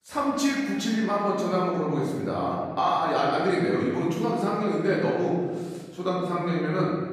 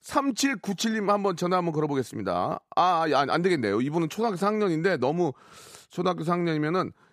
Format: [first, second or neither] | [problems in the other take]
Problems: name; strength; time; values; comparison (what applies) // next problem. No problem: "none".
second | room echo; noticeable; dies away in 1.5 s // off-mic speech; far